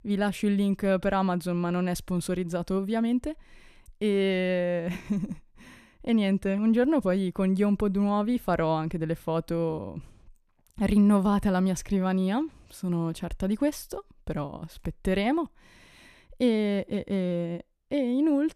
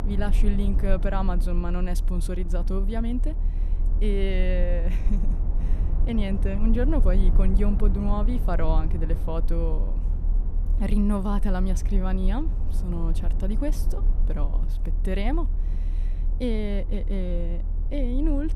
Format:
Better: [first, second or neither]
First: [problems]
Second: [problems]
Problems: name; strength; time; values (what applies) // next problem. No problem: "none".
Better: first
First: none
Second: low rumble; noticeable; throughout; 10 dB below the speech